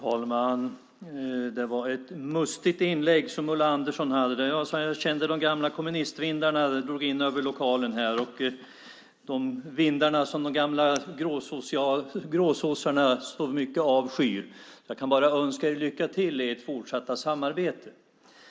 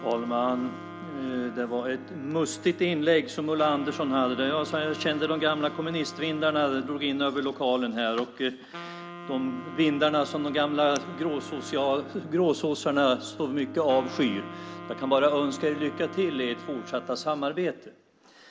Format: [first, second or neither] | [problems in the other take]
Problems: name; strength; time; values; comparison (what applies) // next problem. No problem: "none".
first | background sound (Bowed string instrument + Wind instrument, woodwind instrument); 14 dB below the speech